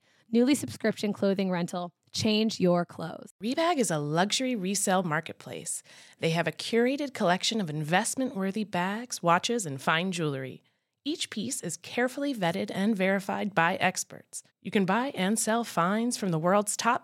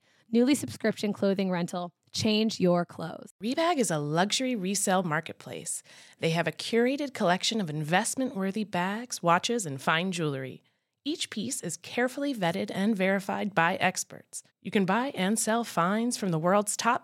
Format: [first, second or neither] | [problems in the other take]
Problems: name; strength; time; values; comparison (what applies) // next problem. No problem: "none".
neither | none